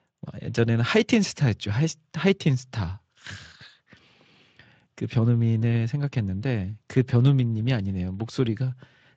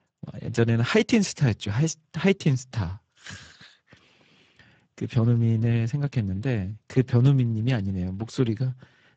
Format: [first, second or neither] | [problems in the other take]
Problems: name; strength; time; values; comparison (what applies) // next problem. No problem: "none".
first | garbled, watery; badly; nothing above 7.5 kHz; slightly in the first